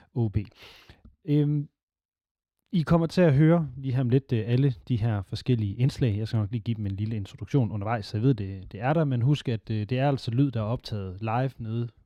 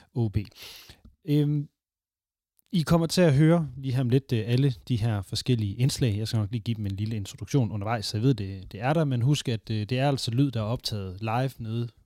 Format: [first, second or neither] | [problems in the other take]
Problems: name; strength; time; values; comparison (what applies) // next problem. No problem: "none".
second | muffled; slightly; fading above 4 kHz